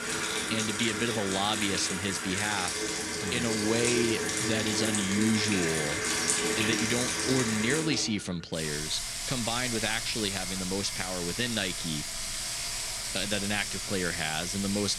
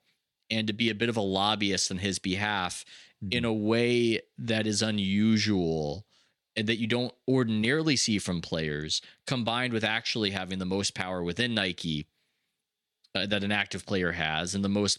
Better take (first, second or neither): second